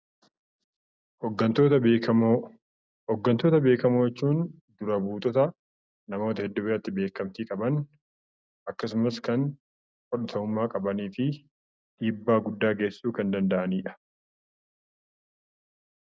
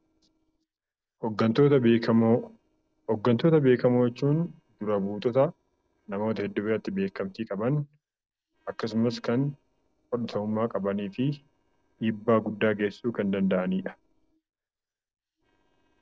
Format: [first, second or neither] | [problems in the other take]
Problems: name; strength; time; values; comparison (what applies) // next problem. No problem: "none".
first | noise reduction (neural separator model SepFormer DNS4)